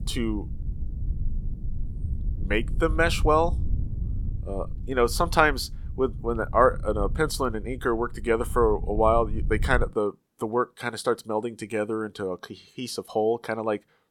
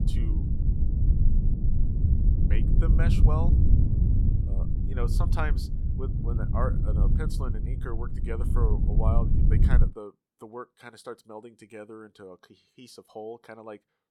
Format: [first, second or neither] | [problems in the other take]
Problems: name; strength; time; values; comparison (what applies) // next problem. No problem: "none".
first | low rumble; loud; until 10 s; 2 dB below the speech; faint in the first